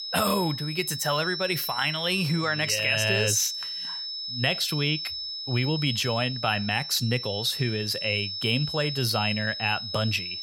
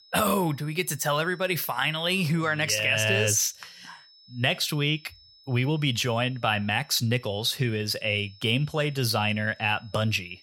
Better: second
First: high-pitched whine; loud; throughout; 5 kHz, 5 dB below the speech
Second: high-pitched whine; faint; throughout; 5 kHz, 25 dB below the speech

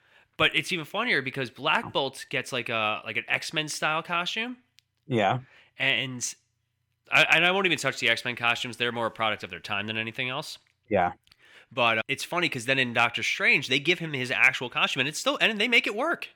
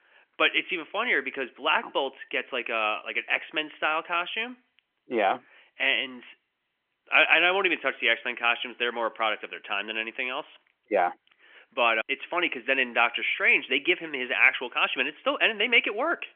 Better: first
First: none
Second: phone-call audio; nothing above 3 kHz

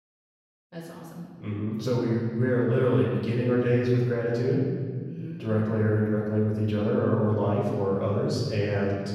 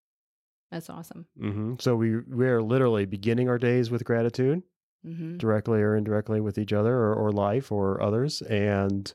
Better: second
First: off-mic speech; far // room echo; noticeable; dies away in 1.9 s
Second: none

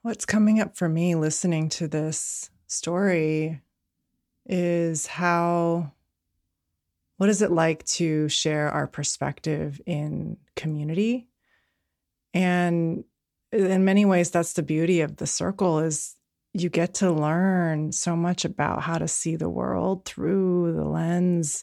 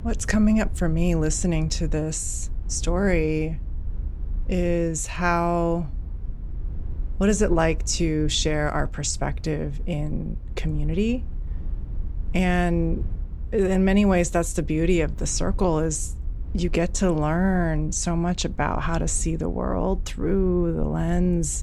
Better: first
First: none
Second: low rumble; faint; throughout; 25 dB below the speech

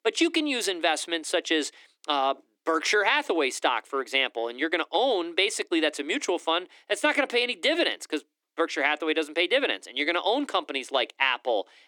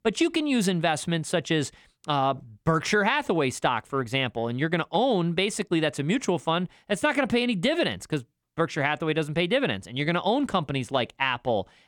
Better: second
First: thin; somewhat; fading below 300 Hz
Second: none

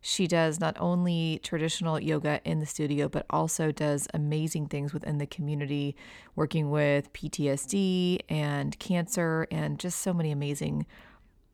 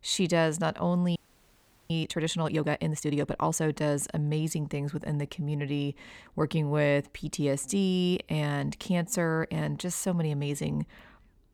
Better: first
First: none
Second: audio freezing; at 1 s for 0.5 s

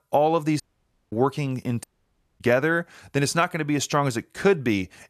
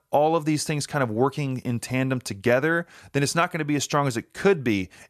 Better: second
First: audio cutting out; at 0.5 s for 0.5 s and at 2 s for 0.5 s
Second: none

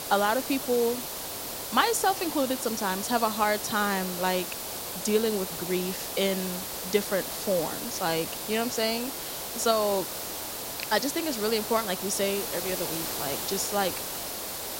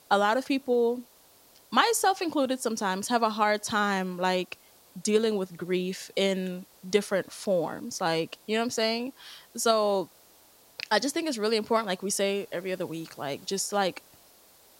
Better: second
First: hiss; loud; throughout; 4 dB below the speech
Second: hiss; faint; throughout; 25 dB below the speech

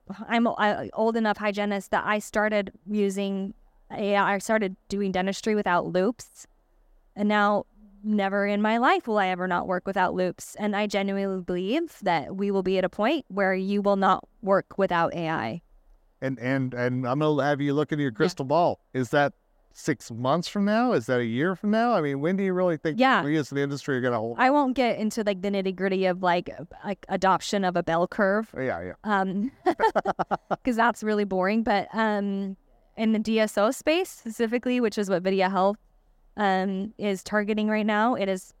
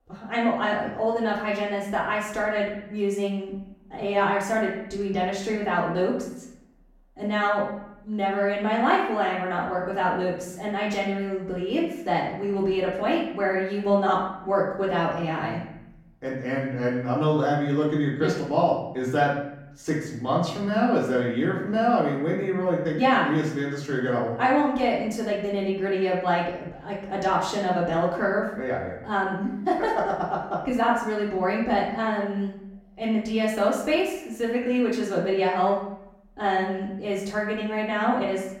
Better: first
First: none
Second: room echo; noticeable; dies away in 0.7 s // off-mic speech; far

